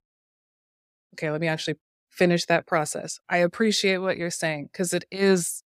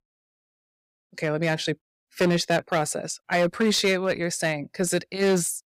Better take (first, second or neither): first